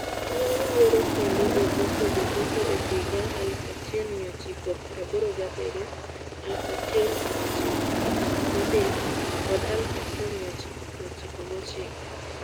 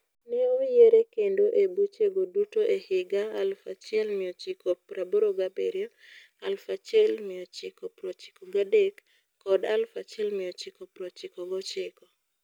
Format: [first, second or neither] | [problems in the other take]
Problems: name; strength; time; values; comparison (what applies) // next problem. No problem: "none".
second | background sound (Aircraft); 1 dB above the speech